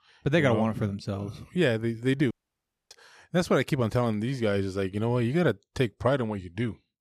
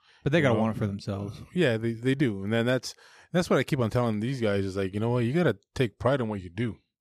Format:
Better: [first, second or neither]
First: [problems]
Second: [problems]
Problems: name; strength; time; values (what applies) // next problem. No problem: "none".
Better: second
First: audio cutting out; at 2.5 s for 0.5 s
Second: none